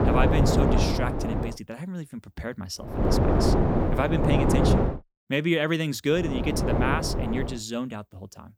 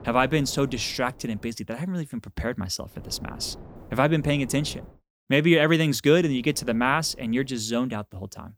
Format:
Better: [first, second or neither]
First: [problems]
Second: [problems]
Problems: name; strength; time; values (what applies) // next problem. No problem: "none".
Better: second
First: wind noise on the microphone; heavy; until 1.5 s, from 3 to 5 s and from 6 to 7.5 s; 2 dB above the speech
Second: wind noise on the microphone; occasional gusts; until 1.5 s, from 3 to 5 s and from 6 to 7.5 s; 25 dB below the speech